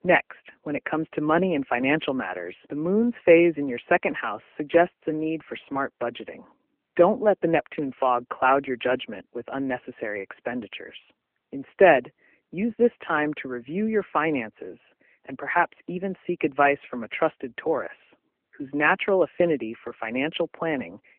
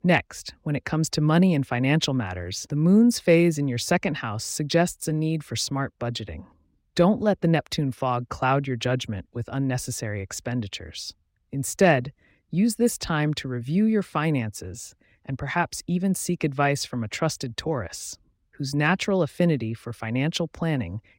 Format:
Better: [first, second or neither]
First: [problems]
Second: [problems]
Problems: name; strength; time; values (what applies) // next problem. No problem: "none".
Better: second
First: phone-call audio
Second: none